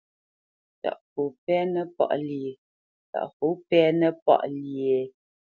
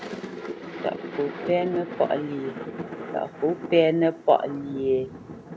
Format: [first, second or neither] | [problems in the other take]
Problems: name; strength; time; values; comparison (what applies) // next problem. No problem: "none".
first | background sound (Thunder); 10 dB below the speech